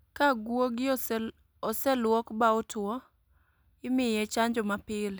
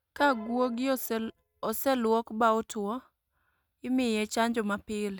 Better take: first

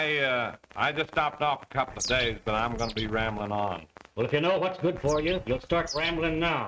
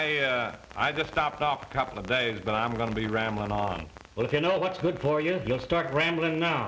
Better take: second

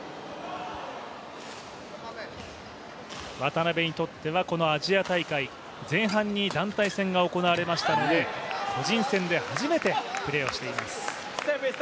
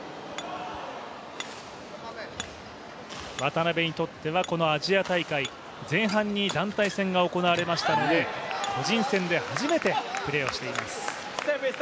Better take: first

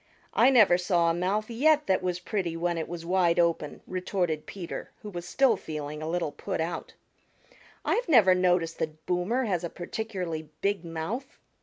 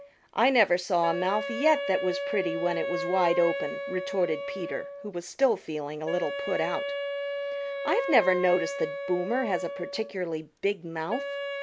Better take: first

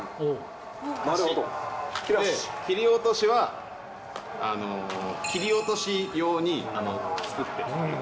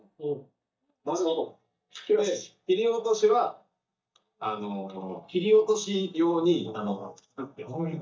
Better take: first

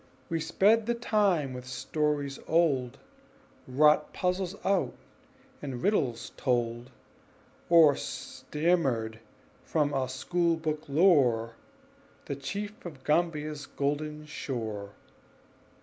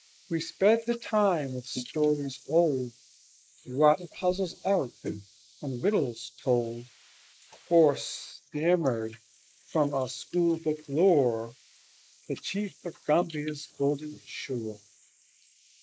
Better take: first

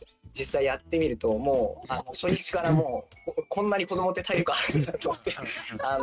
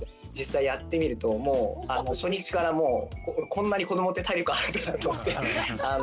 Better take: second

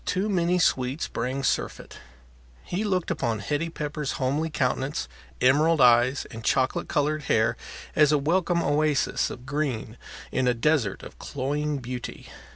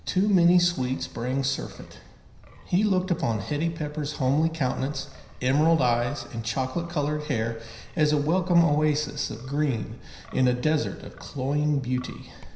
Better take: first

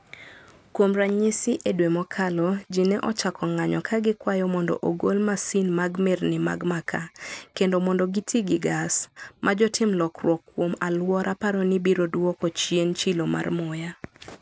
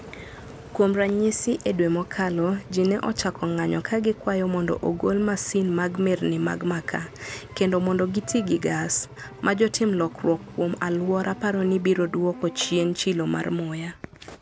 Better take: first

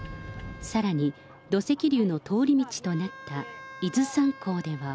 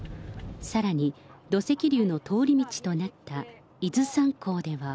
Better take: second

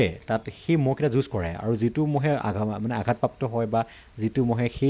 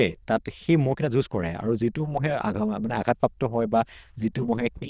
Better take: first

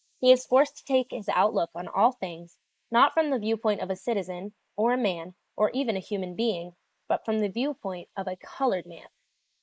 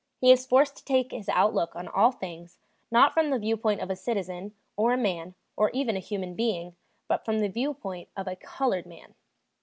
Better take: second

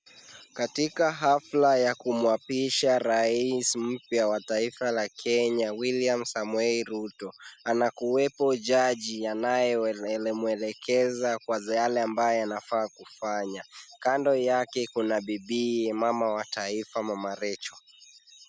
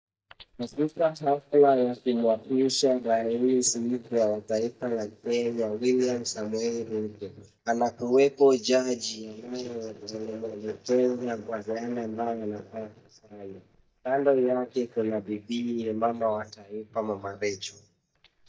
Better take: first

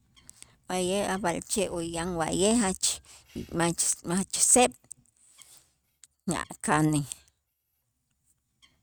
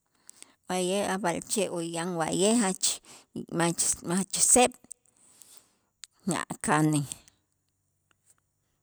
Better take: second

